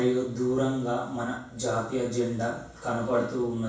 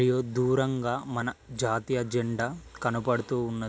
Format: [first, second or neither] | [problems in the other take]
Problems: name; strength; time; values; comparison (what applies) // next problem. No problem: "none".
second | room echo; dies away in 0.7 s